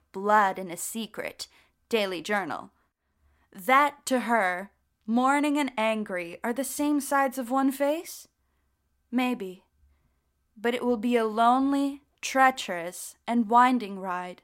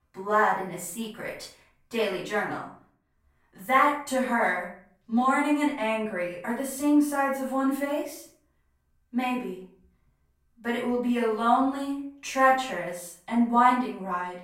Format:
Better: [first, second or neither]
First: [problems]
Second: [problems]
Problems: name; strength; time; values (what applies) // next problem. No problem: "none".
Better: first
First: none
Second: off-mic speech; far // room echo; noticeable; dies away in 0.5 s